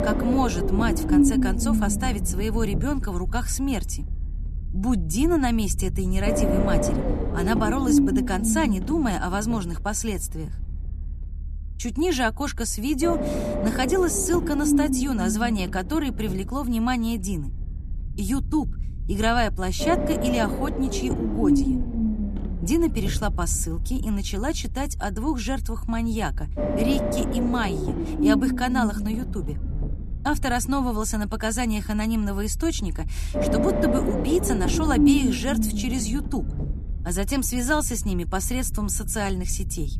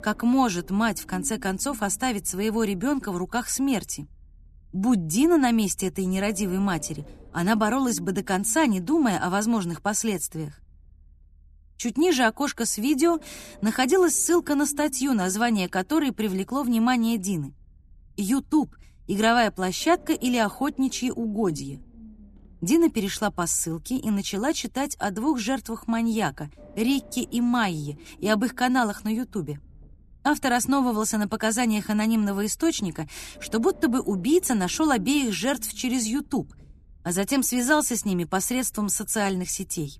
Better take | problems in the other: second | low rumble; loud; throughout; 1 dB below the speech; faint in the second

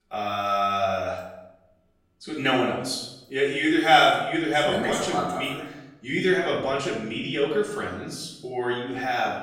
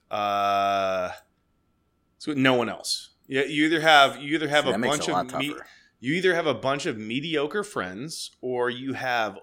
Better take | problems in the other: second | off-mic speech; far // room echo; noticeable; dies away in 0.8 s

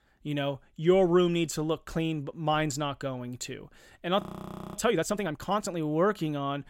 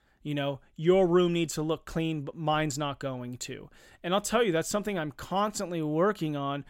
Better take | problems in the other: second | audio freezing; at 4 s for 0.5 s

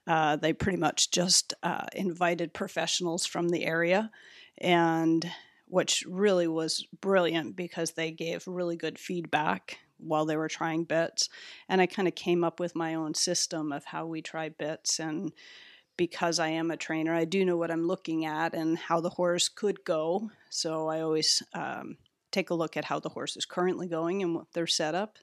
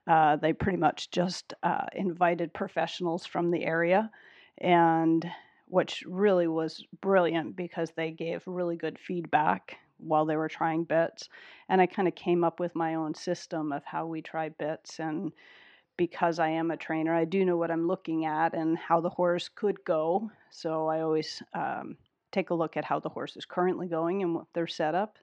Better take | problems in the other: first | muffled; very; fading above 2 kHz

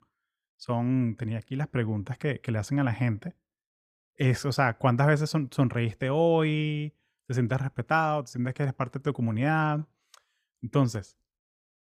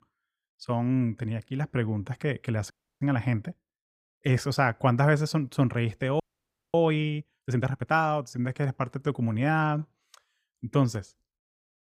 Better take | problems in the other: first | audio freezing; at 2.5 s and at 6 s for 0.5 s

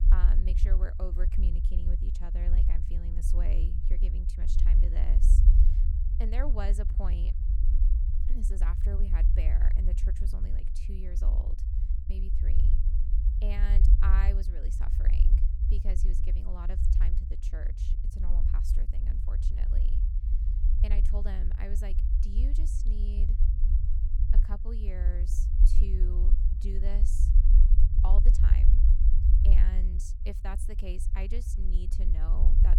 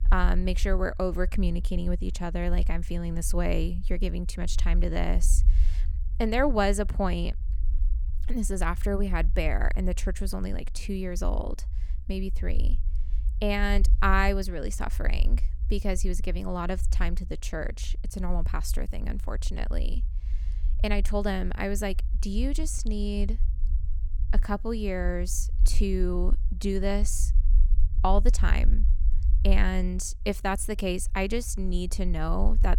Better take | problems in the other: second | low rumble; loud; throughout; 3 dB below the speech; faint in the second

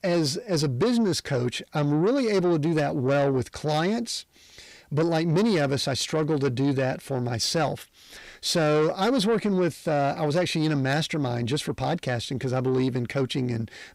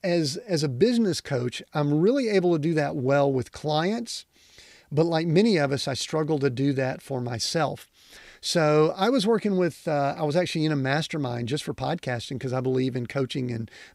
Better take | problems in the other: second | distortion; slight; 10 dB below the speech

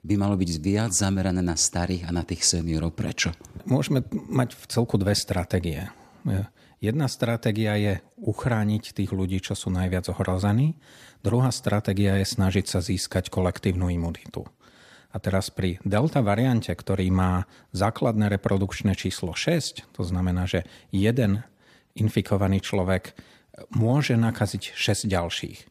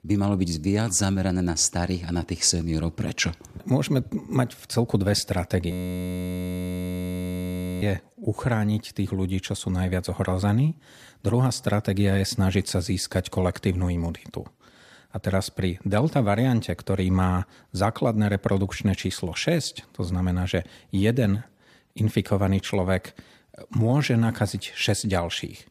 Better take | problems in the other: first | audio freezing; at 5.5 s for 2 s

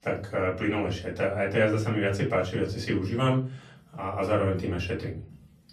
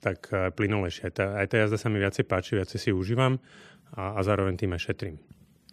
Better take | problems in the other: second | off-mic speech; far // room echo; slight; dies away in 0.3 s

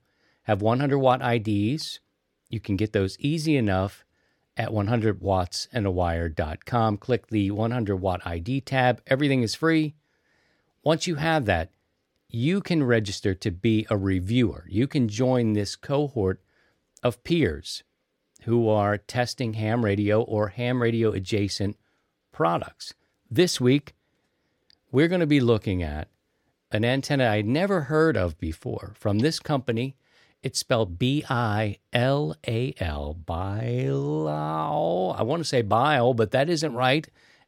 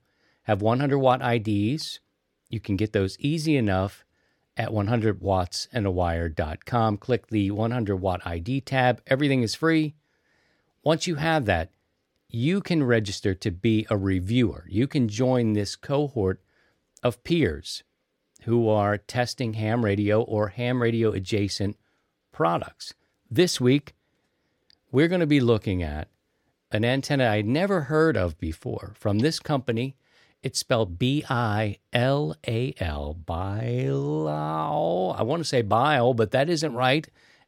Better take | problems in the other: neither | none

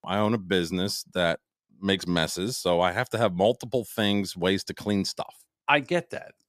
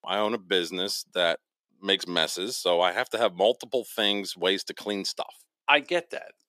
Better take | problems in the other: first | thin; somewhat; fading below 400 Hz

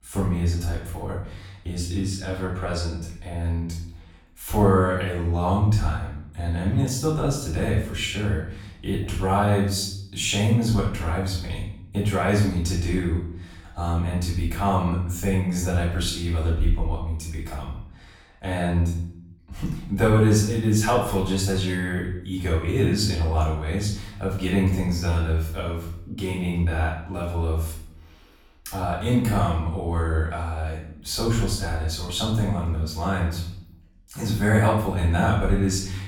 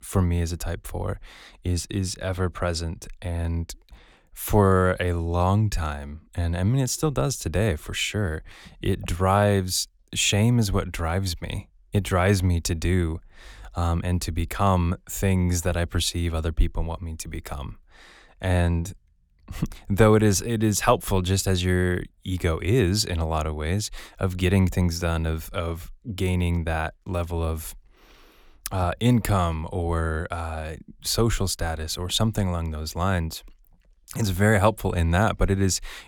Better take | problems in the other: second | room echo; noticeable; dies away in 0.6 s // off-mic speech; far

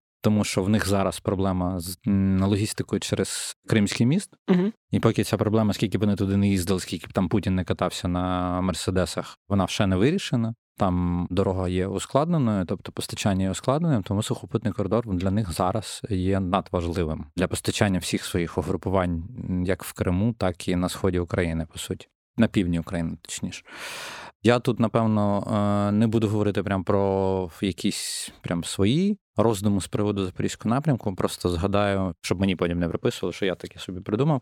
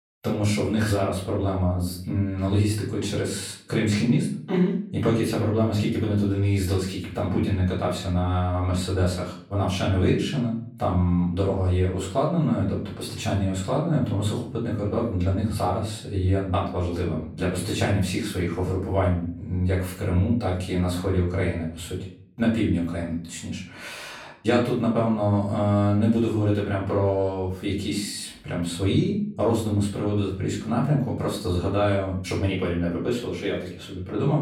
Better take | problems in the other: first | off-mic speech; far // room echo; slight; dies away in 0.5 s

